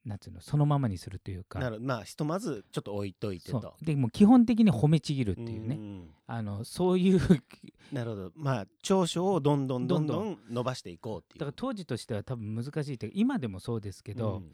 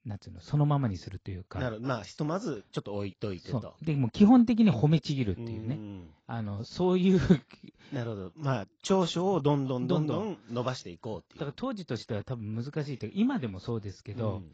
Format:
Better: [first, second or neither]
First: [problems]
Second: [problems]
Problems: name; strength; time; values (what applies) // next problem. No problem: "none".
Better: first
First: none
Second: garbled, watery; badly; nothing above 7.5 kHz